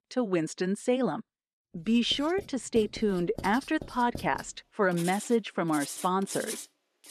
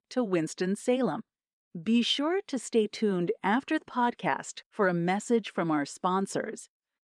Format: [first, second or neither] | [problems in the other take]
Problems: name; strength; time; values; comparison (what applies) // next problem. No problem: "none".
second | household noises; noticeable; from 2 s on; 15 dB below the speech